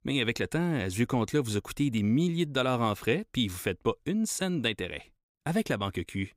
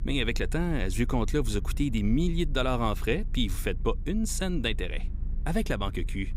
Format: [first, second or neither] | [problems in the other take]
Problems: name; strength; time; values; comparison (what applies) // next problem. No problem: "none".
first | low rumble; faint; throughout; 20 dB below the speech